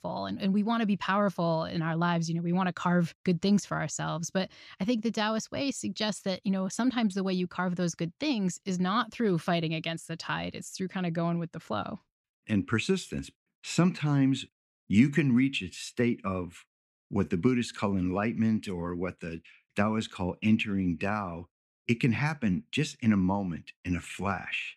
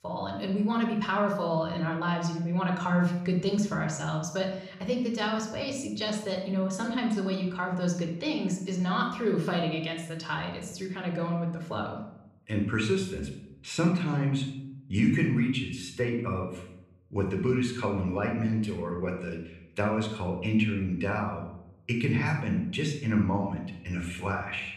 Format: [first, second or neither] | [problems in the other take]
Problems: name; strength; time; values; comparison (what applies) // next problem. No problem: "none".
first | room echo; slight; dies away in 0.6 s // off-mic speech; somewhat distant